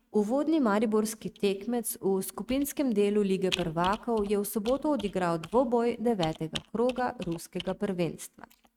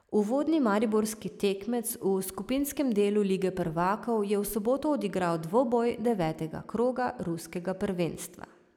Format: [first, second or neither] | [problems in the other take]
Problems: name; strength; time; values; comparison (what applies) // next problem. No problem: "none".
second | noise reduction (neural mask model RNNoise)